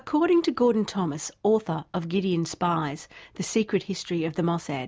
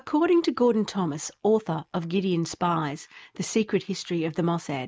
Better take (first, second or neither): first